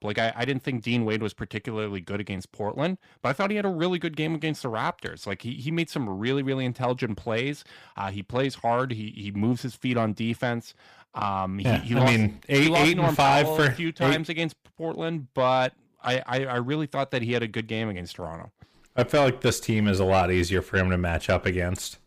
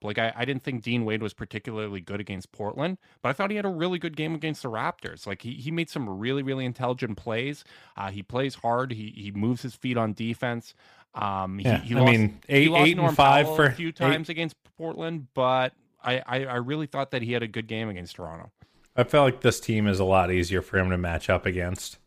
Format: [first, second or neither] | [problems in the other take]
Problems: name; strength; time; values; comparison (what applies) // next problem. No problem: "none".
second | distortion; slight; 10 dB below the speech